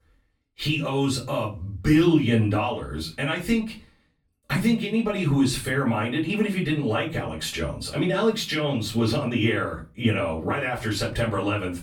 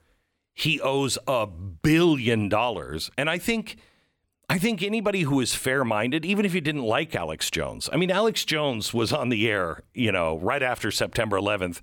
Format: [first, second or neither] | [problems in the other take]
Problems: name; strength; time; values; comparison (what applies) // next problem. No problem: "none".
second | off-mic speech; far // room echo; slight; dies away in 0.3 s